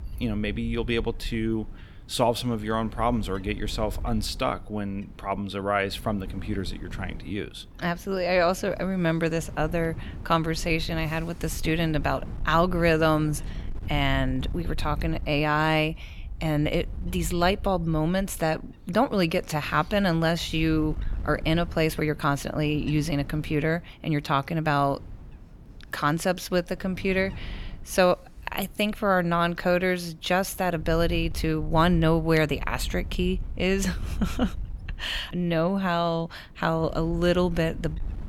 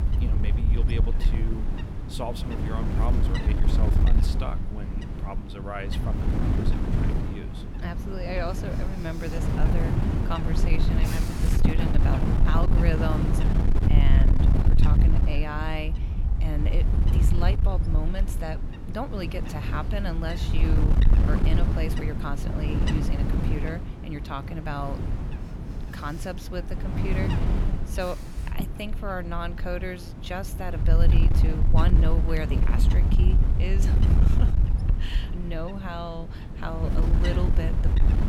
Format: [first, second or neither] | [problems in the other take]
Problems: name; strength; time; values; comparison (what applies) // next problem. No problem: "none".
first | wind noise on the microphone; heavy; 2 dB below the speech; occasional gusts in the first